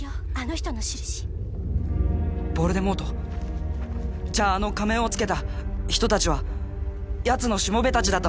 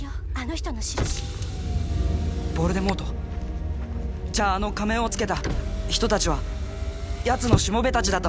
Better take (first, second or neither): first